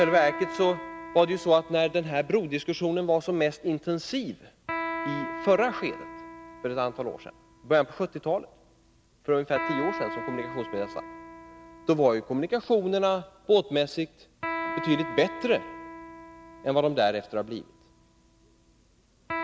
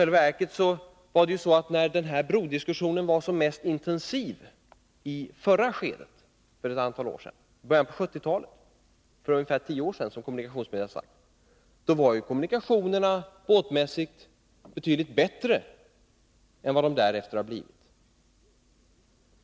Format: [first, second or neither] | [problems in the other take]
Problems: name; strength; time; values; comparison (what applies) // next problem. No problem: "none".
second | background sound (Electric guitar); 11 dB below the speech